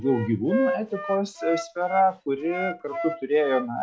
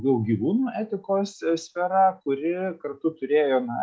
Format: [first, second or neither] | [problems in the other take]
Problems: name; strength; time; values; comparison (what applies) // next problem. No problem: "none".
second | background sound (Wind instrument, woodwind instrument); 7 dB below the speech